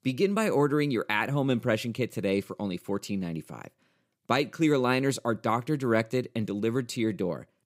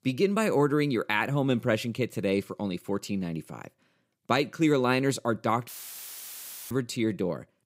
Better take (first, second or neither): first